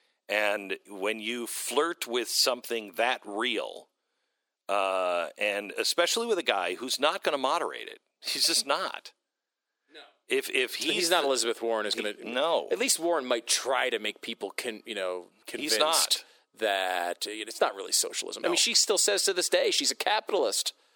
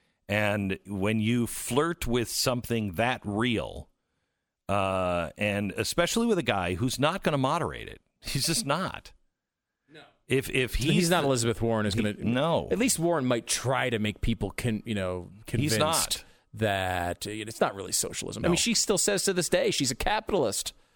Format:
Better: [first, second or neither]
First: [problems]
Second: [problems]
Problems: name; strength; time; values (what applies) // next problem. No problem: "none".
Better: second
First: thin; somewhat; fading below 350 Hz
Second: none